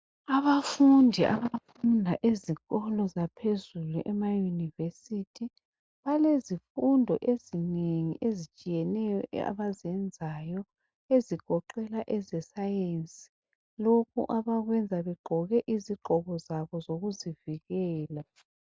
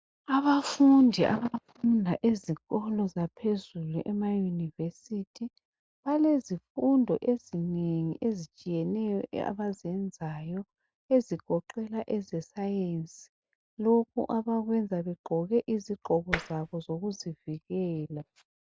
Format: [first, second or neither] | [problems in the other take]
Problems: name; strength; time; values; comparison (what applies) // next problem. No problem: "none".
first | background sound (Tap); 6 dB below the speech